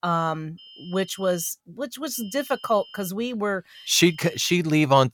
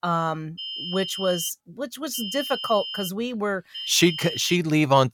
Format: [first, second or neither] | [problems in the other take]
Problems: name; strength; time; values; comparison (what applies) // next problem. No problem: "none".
first | high-pitched whine; loud; at 0.5 s, at 2 s and at 4 s; 3 kHz, 7 dB below the speech; faint in the first